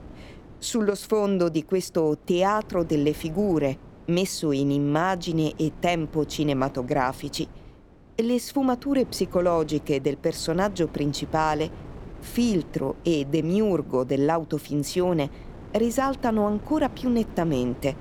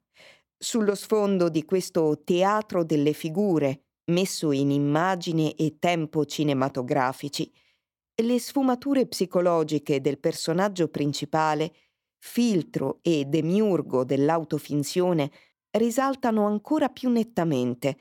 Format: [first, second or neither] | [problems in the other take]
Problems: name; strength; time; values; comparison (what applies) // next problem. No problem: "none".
second | wind noise on the microphone; occasional gusts; 20 dB below the speech